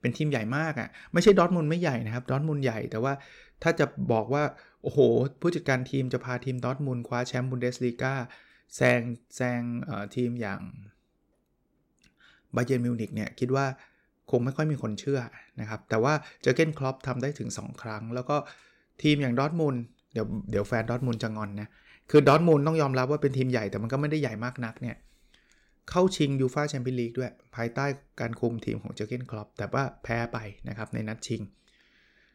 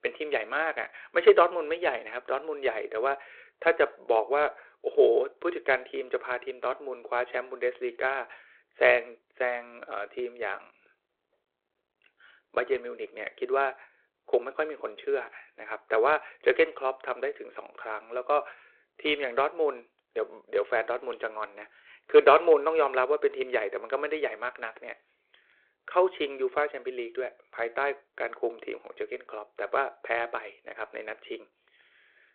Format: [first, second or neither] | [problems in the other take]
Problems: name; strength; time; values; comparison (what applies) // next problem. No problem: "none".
first | phone-call audio